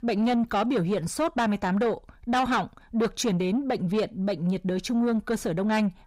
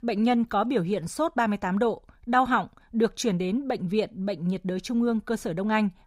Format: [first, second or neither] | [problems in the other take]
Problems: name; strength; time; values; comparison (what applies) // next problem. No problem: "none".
second | distortion; slight; 10 dB below the speech